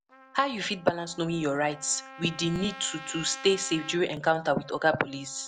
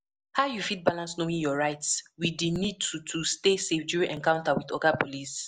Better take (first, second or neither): second